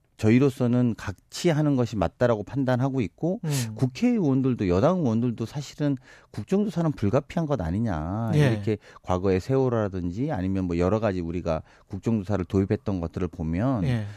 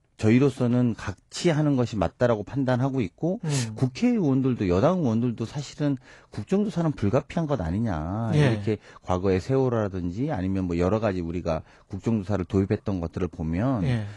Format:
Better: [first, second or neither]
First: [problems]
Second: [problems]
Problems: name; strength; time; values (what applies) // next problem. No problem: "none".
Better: first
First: none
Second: garbled, watery; slightly; nothing above 10.5 kHz